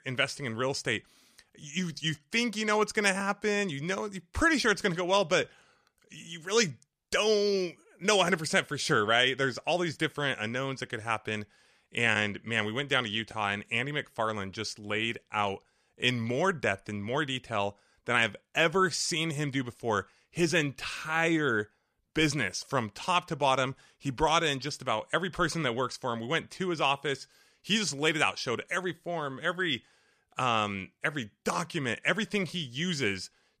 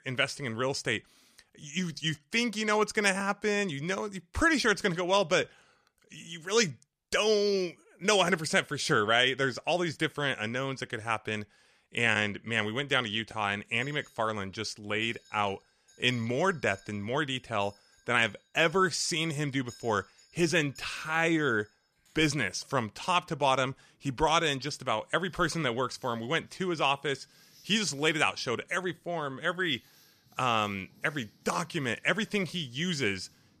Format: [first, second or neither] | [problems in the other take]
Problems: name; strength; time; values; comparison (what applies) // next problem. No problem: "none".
first | household noises; faint; from 14 s on; 30 dB below the speech